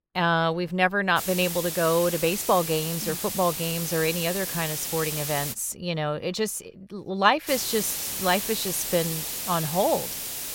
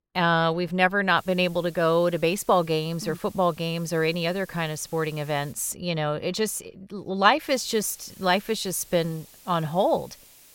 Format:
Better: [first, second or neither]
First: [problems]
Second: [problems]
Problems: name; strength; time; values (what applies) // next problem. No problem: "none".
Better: second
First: hiss; loud; from 1 to 5.5 s and from 7.5 s on; 4 dB below the speech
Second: hiss; faint; from 1 to 5.5 s and from 7.5 s on; 25 dB below the speech